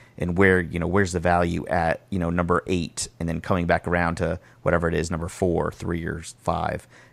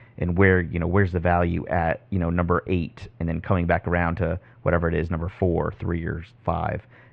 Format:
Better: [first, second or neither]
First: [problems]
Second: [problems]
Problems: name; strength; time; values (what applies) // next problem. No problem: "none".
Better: first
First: none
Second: muffled; very; fading above 3 kHz